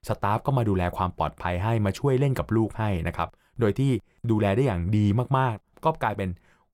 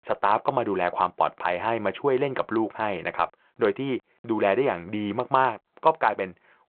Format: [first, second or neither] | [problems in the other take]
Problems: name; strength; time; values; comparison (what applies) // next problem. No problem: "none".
first | phone-call audio; nothing above 3.5 kHz